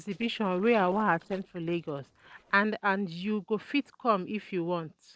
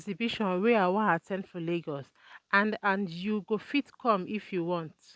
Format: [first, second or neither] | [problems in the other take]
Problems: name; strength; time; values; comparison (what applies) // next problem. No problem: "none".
second | noise reduction (neural separator model SepFormer DNS4)